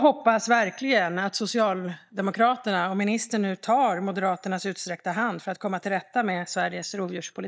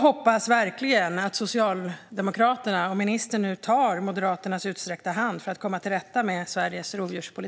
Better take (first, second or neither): second